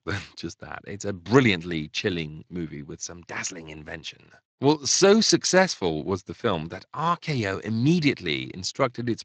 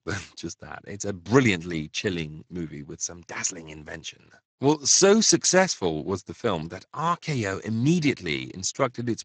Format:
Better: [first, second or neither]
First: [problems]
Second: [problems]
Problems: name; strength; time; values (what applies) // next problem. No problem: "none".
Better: first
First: garbled, watery; slightly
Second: garbled, watery; badly